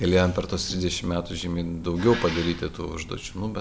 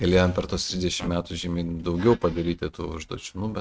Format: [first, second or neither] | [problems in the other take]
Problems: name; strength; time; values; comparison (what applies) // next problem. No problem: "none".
first | noise reduction (neural mask model RNNoise)